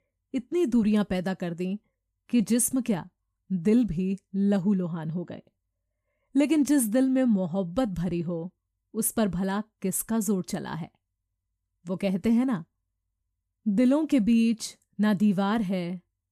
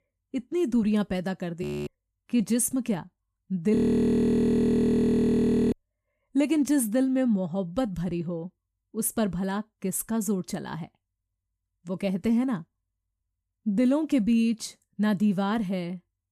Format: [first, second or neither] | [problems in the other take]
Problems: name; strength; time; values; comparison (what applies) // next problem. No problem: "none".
first | audio freezing; at 1.5 s and at 4 s for 2 s